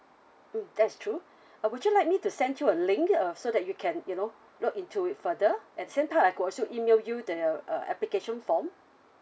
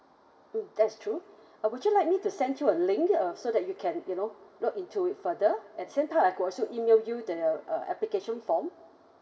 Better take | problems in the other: first | room echo; dies away in 1.4 s

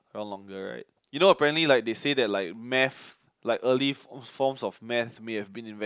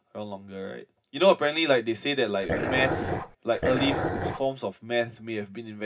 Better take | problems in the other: first | background sound (Dog); 1 dB below the speech // room echo; dies away in 0.4 s

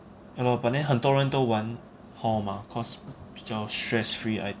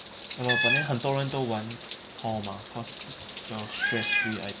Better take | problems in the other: first | background sound (Meow); as loud as the speech

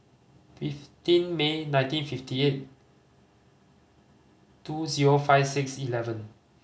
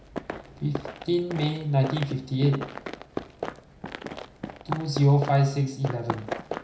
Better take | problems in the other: first | background sound (Run); 9 dB below the speech // room echo; dies away in 0.5 s

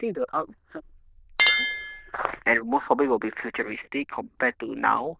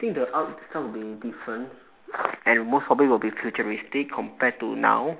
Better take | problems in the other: second | noise reduction (neural diffusion model UNIVERSE++)

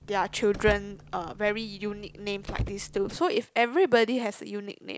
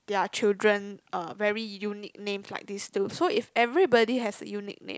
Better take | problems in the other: second | background sound (Car); 11 dB below the speech

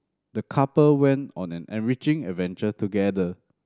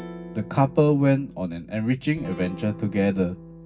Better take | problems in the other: first | background sound (Guitar); 15 dB below the speech // room echo; dies away in 0.4 s

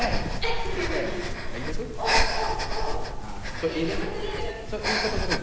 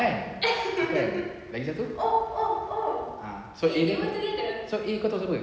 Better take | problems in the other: second | background sound (Breathing); 4 dB above the speech

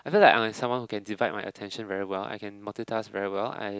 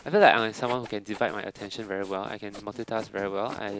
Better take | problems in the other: first | background sound (Sawing); 19 dB below the speech

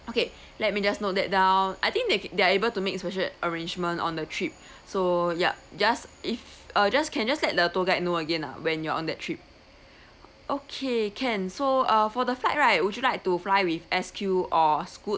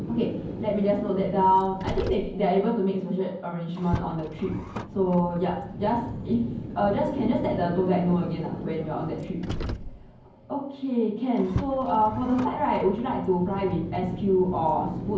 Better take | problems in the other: first | background sound (Car); 9 dB below the speech // room echo; dies away in 0.9 s

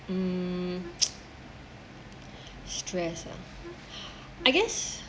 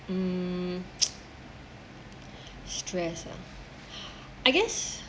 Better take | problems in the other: second | background sound (Wind instrument, woodwind instrument); 16 dB below the speech

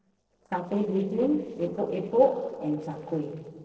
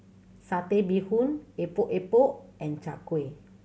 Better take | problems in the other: second | noise reduction (neural separator model SepFormer DNS4)

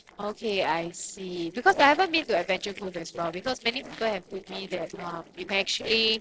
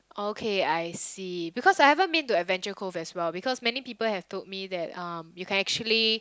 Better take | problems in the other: second | noise reduction (neural separator model SepFormer DNS4)

